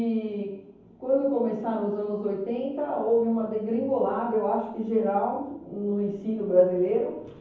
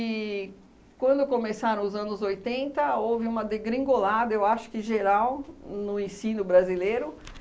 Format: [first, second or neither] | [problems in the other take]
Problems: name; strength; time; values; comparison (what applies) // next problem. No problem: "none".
second | room echo; dies away in 0.9 s